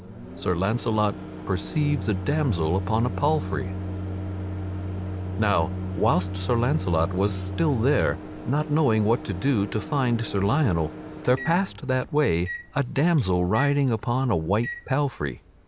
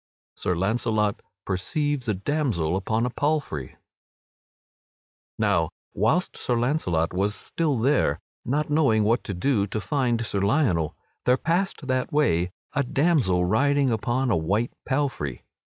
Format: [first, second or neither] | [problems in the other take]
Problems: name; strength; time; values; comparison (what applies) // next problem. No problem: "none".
second | background sound (Microwave oven); 8 dB below the speech